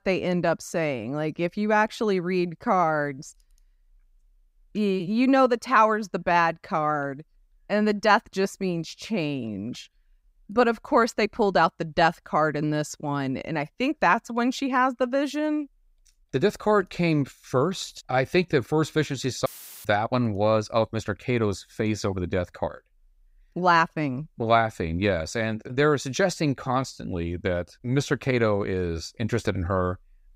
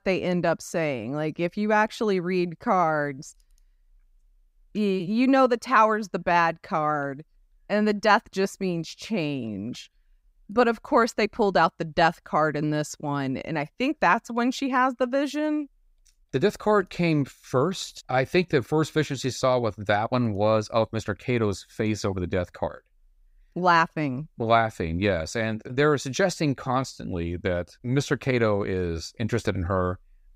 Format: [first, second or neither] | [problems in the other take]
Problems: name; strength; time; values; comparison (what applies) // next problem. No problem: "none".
second | audio cutting out; filled with static; at 19 s